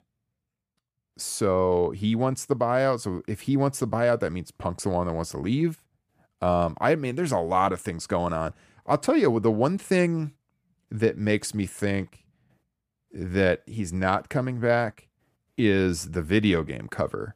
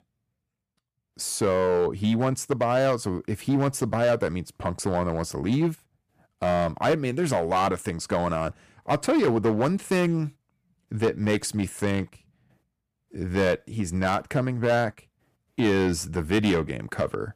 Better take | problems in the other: first | distortion; slight; 6% of the sound clipped

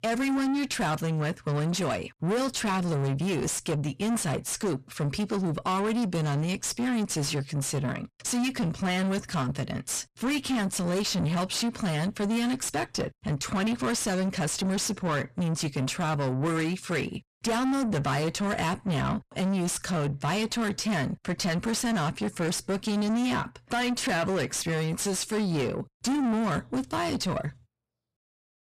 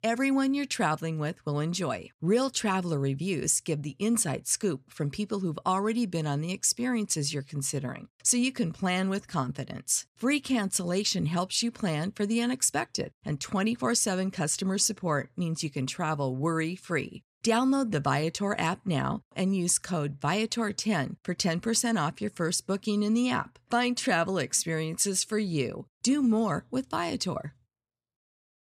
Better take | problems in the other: second | distortion; heavy; 6 dB below the speech

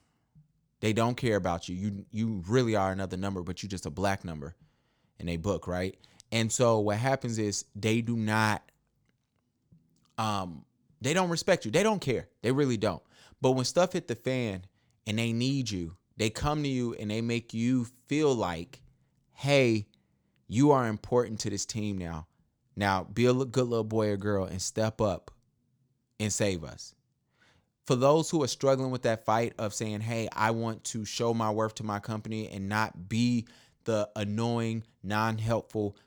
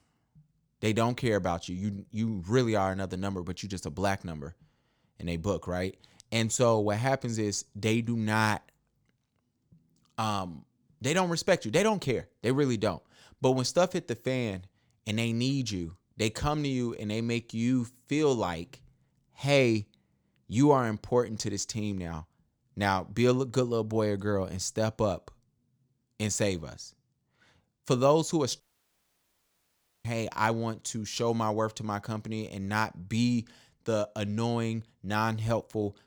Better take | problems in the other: first | audio cutting out; at 29 s for 1.5 s

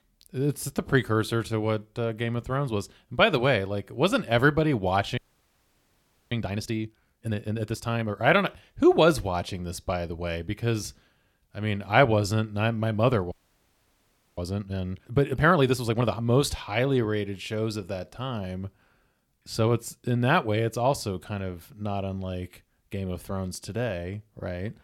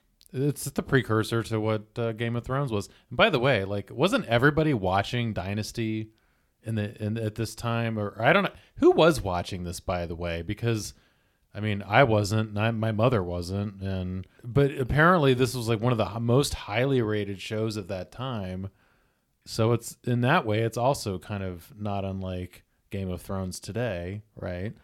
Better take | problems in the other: second | audio freezing; at 5 s for 1 s and at 13 s for 1 s

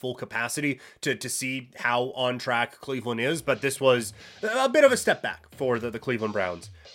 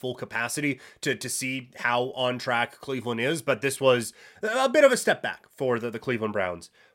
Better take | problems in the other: second | background music; faint; throughout; 25 dB below the speech

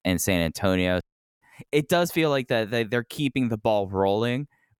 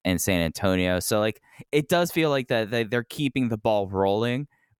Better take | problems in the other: second | audio cutting out; at 1 s

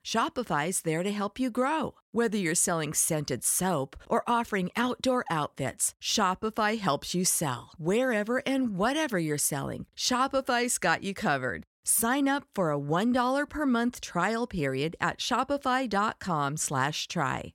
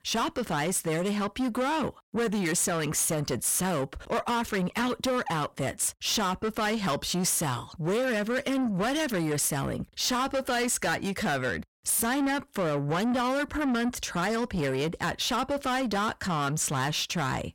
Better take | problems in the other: first | distortion; heavy; 7 dB below the speech

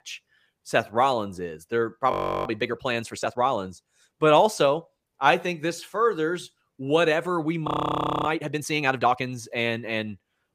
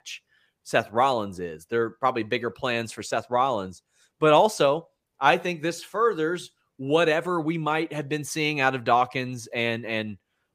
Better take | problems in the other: second | audio freezing; at 2 s and at 7.5 s for 0.5 s

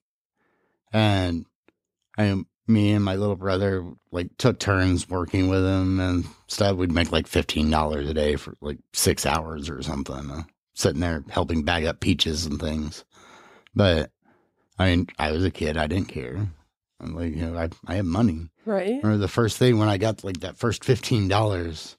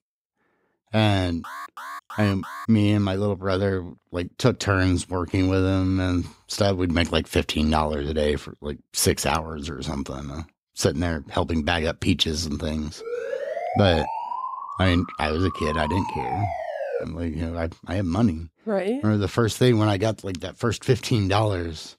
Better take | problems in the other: first | alarm; faint; from 1.5 to 2.5 s; peak 10 dB below the speech // siren; noticeable; from 13 to 17 s; peak 5 dB below the speech

